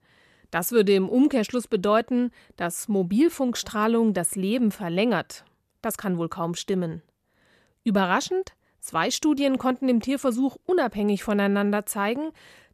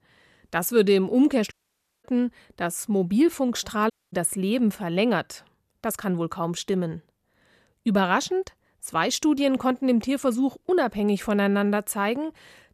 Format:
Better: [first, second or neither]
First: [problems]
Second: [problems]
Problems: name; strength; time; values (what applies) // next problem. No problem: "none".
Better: first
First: none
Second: audio cutting out; at 1.5 s for 0.5 s and at 4 s